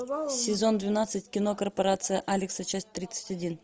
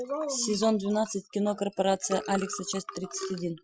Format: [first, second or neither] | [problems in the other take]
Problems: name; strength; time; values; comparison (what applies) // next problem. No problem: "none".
first | noise reduction (classical method Wiener filter)